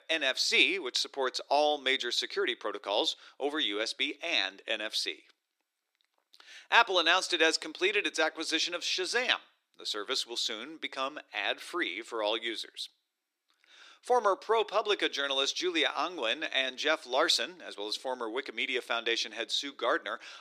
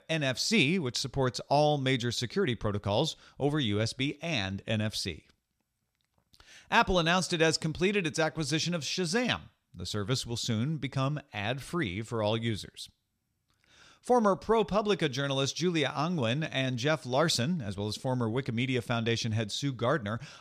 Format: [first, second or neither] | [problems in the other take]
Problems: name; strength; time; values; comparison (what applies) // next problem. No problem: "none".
second | thin; very; fading below 300 Hz